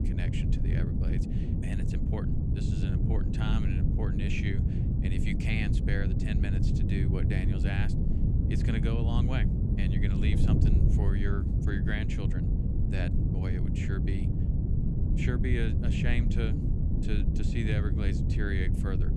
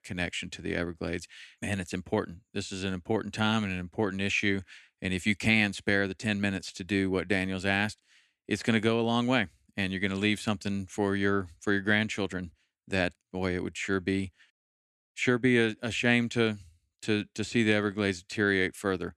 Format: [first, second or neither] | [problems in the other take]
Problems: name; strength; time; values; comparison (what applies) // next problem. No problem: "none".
second | wind noise on the microphone; heavy; 1 dB below the speech